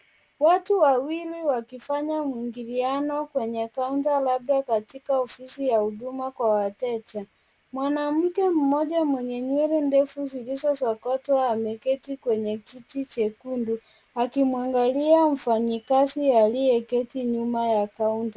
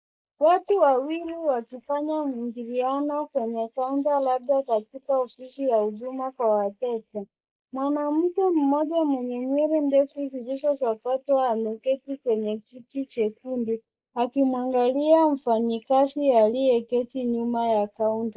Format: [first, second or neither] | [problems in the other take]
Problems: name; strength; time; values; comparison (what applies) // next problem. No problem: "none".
first | noise reduction (neural mask model Resemble Enhance denoiser)